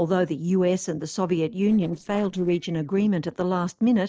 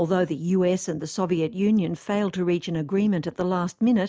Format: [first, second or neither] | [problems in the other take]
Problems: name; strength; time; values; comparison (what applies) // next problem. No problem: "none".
second | noise reduction (neural separator model SepFormer DNS4)